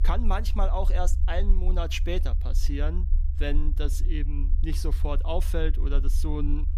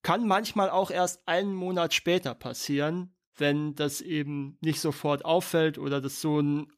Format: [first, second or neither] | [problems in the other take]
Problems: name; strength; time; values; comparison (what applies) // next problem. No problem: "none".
second | low rumble; noticeable; throughout; 15 dB below the speech